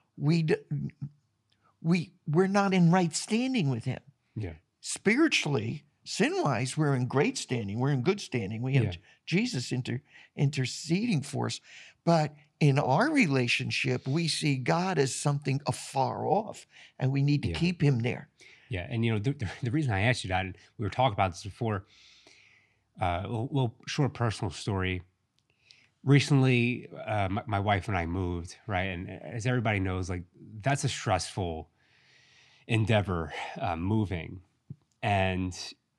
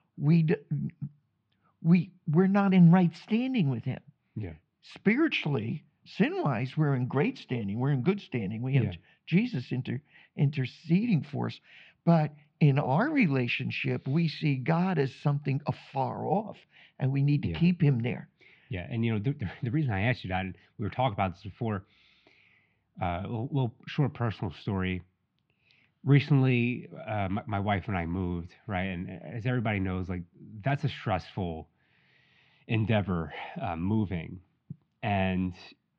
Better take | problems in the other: first | muffled; slightly; fading above 3.5 kHz

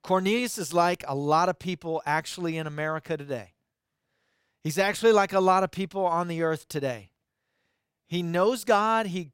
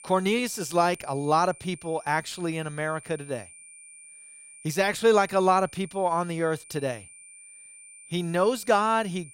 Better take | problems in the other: first | high-pitched whine; noticeable; throughout; 9 kHz, 20 dB below the speech

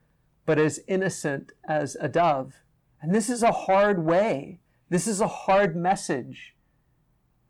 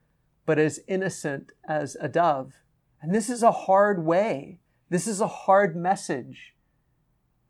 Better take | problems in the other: second | distortion; slight; 10 dB below the speech

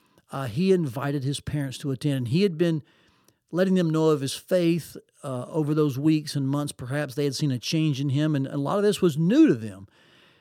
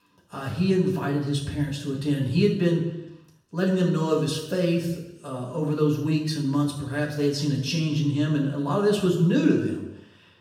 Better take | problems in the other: first | room echo; noticeable; dies away in 0.8 s // off-mic speech; far

